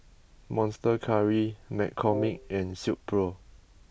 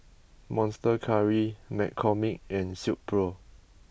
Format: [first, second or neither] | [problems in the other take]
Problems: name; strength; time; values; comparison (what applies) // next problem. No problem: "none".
second | background sound (Wind instrument, woodwind instrument); 8 dB below the speech